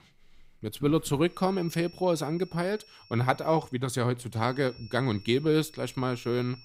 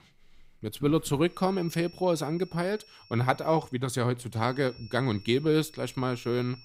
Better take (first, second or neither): neither